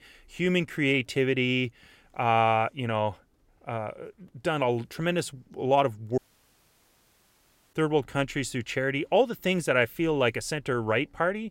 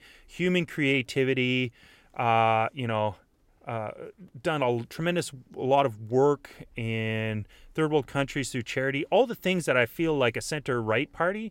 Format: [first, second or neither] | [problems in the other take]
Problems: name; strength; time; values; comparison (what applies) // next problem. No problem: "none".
second | audio cutting out; at 6 s for 1.5 s